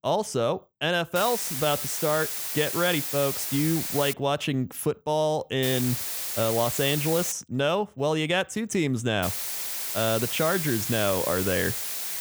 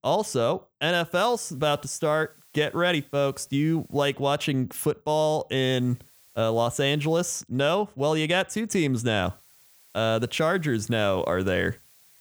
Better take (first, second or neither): second